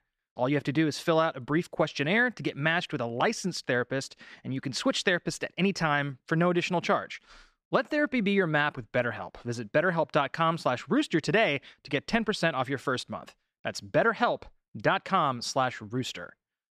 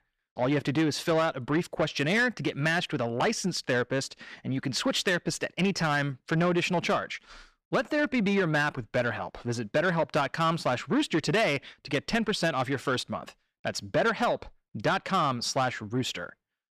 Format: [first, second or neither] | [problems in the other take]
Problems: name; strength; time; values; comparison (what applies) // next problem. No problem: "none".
first | distortion; slight; 10 dB below the speech